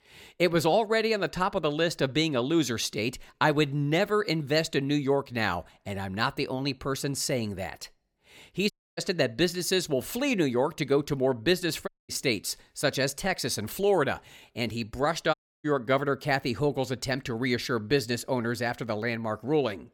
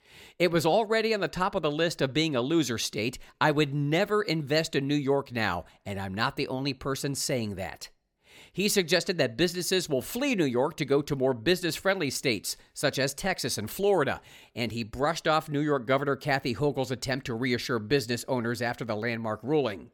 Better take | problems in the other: second | audio cutting out; at 8.5 s, at 12 s and at 15 s

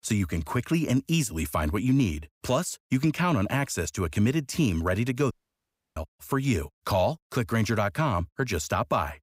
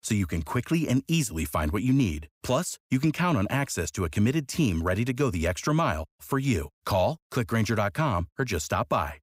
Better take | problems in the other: second | audio cutting out; at 5.5 s for 0.5 s

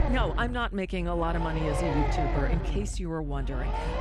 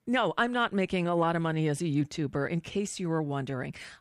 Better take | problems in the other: second | low rumble; loud; throughout; 1 dB below the speech

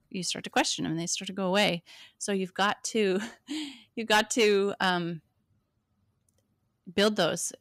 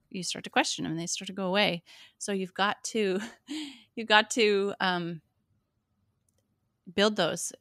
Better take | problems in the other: second | distortion; slight; 1.3% of the sound clipped

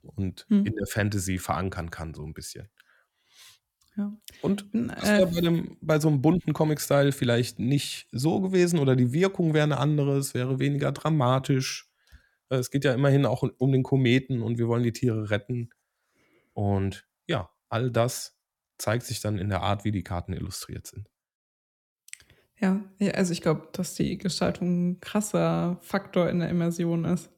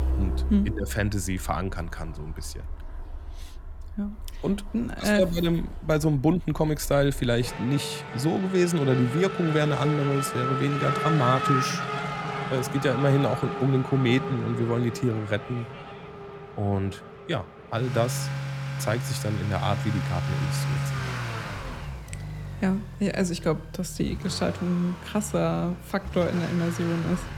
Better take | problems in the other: first | traffic noise; loud; throughout; 6 dB below the speech

